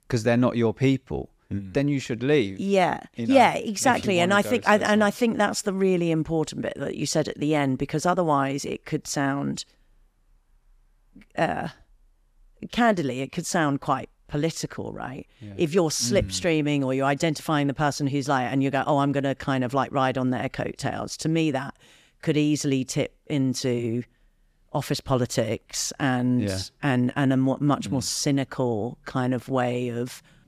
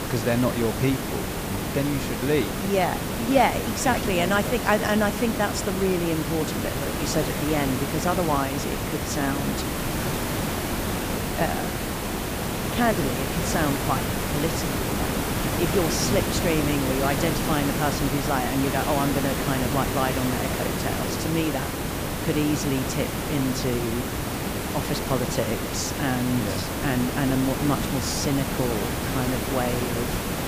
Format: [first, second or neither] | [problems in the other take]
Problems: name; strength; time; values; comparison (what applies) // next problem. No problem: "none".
first | hiss; loud; throughout; 1 dB below the speech